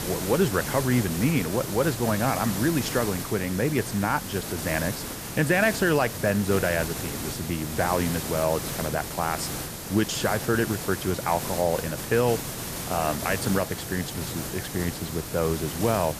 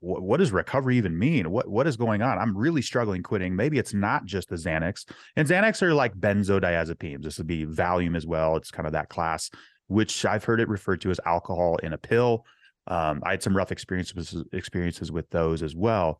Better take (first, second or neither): second